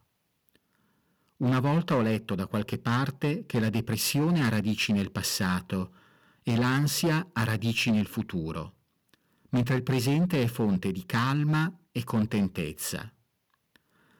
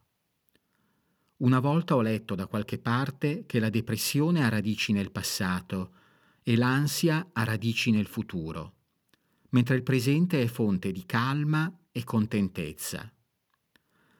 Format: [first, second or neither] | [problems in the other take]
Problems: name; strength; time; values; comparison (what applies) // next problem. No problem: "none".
second | distortion; slight; 8% of the sound clipped